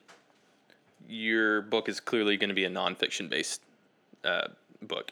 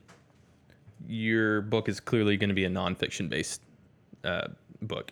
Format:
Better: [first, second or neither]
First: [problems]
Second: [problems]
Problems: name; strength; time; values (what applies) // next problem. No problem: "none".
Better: second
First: thin; somewhat; fading below 250 Hz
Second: none